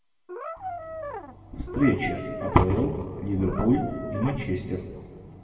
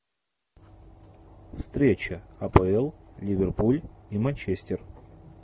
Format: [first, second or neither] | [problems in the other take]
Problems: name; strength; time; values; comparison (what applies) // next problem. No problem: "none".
second | background sound (Brass instrument); 10 dB below the speech // room echo; dies away in 1.5 s